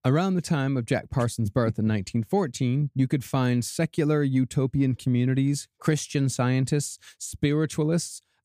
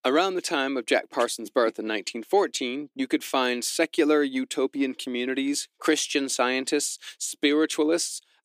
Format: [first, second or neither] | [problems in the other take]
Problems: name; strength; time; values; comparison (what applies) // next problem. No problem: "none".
first | thin; somewhat; fading below 300 Hz